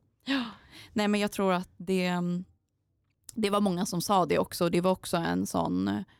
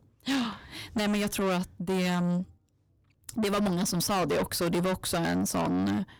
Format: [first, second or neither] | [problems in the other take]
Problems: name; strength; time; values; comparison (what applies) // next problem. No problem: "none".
first | distortion; heavy; 6 dB below the speech